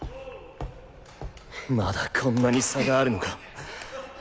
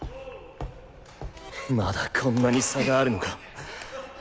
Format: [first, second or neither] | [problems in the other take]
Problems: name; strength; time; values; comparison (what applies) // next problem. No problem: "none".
first | background sound (Harmonica); 18 dB below the speech